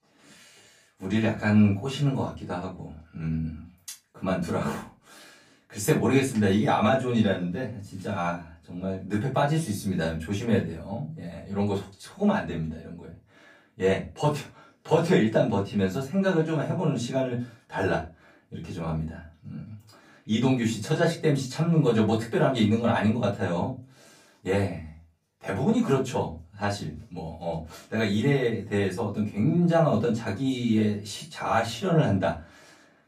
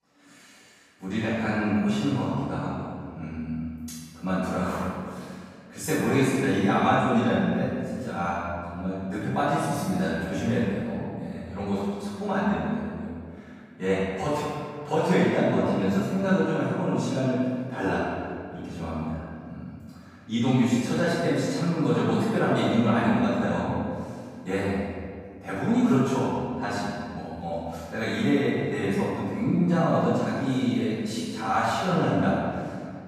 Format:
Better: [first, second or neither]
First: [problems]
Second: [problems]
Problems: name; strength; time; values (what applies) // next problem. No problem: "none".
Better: first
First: room echo; slight; dies away in 0.3 s // off-mic speech; far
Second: room echo; strong; dies away in 2 s // off-mic speech; far